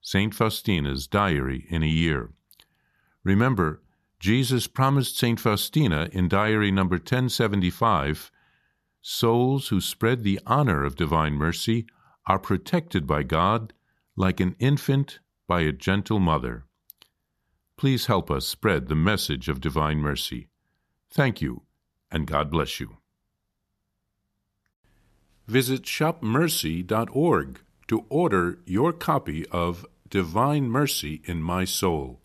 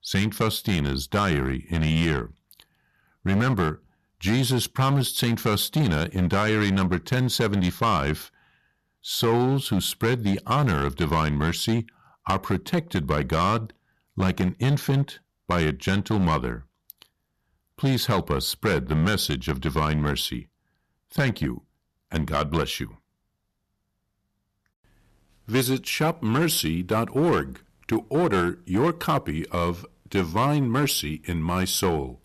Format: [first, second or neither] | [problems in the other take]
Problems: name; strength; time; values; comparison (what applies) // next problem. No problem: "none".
first | distortion; slight; 7% of the sound clipped